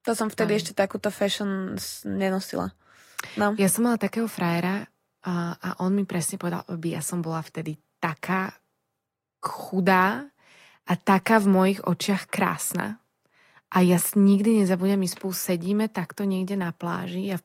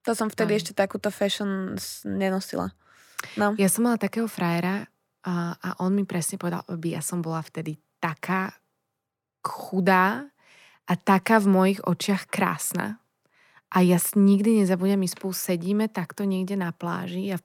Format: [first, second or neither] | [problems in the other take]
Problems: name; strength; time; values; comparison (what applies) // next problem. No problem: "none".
second | garbled, watery; slightly; nothing above 14.5 kHz